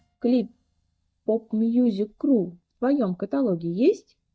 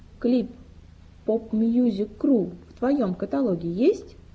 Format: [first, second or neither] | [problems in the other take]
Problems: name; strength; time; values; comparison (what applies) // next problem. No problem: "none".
second | noise reduction (neural mask model DeepFilterNet 3)